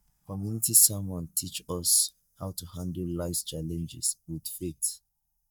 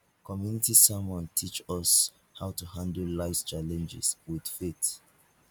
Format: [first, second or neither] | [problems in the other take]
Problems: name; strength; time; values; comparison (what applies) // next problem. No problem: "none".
second | noise reduction (neural mask model DeepFilterNet 3)